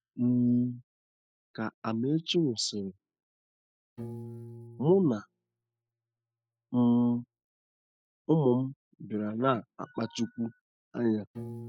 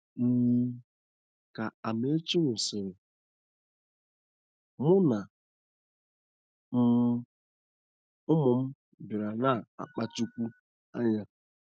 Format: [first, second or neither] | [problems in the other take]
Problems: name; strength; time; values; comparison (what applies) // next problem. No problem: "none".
second | noise reduction (classical method spectral subtraction)